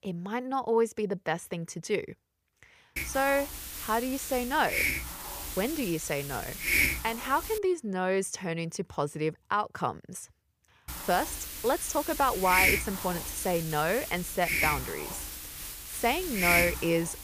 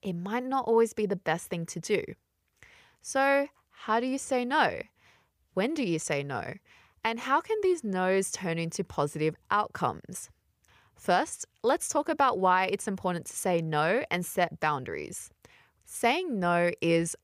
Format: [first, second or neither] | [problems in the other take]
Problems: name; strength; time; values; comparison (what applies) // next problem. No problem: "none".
second | hiss; loud; from 3 to 7.5 s and from 11 s on; 1 dB below the speech